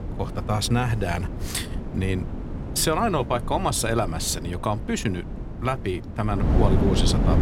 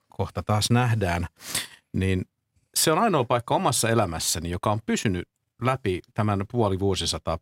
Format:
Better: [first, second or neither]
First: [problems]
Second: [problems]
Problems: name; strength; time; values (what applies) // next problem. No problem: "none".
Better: second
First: wind noise on the microphone; heavy; 9 dB below the speech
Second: none